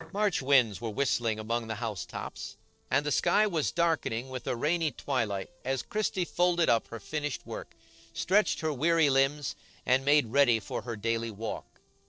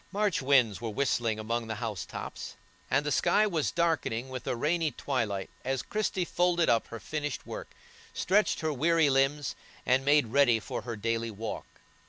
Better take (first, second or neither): second